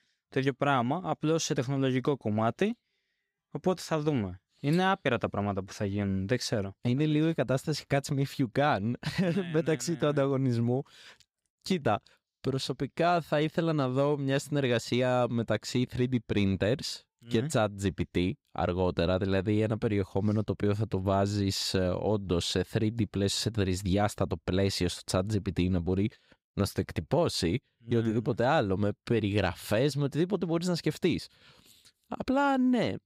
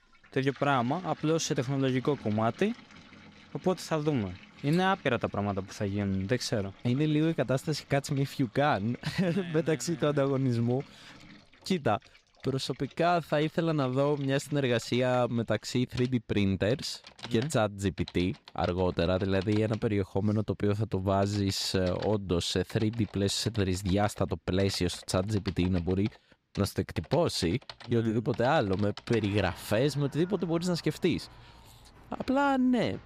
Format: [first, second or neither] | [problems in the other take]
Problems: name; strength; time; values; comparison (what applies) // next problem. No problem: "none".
first | household noises; faint; throughout; 20 dB below the speech